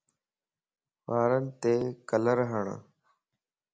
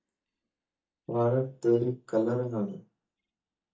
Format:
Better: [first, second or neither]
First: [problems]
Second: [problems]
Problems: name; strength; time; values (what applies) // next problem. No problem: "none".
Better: first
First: none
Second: noise reduction (neural mask model DeepFilterNet 3)